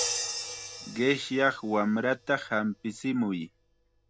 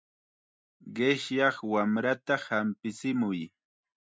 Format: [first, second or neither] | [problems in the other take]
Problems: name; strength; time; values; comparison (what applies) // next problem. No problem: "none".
second | background sound (Crash cymbal); 9 dB below the speech